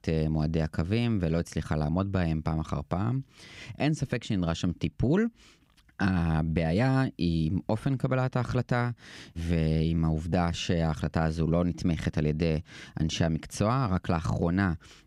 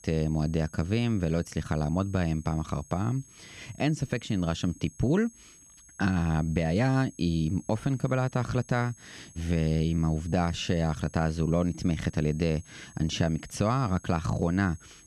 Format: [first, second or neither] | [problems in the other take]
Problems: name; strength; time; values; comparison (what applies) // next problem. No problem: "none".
first | high-pitched whine; faint; throughout; 6.5 kHz, 25 dB below the speech